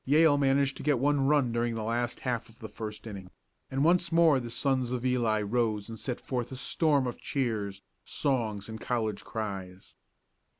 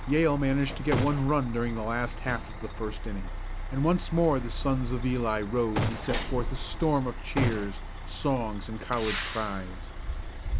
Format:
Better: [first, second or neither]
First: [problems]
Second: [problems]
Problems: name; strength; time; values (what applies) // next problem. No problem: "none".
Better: first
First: none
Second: background sound (Gunshot, gunfire + Truck); 3 dB below the speech